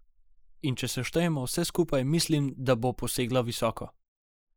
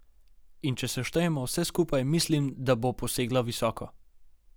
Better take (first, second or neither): second